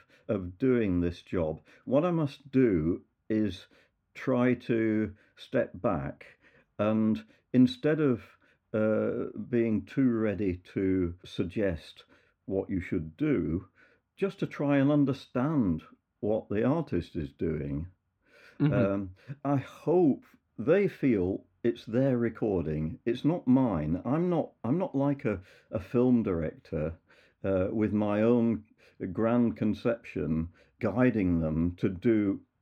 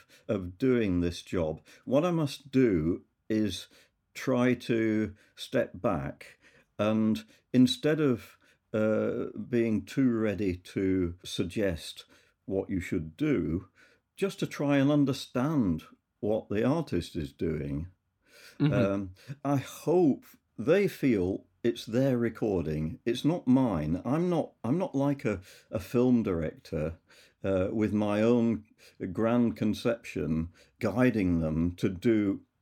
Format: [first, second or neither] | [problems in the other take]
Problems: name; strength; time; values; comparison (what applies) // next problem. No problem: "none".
second | muffled; slightly; fading above 4 kHz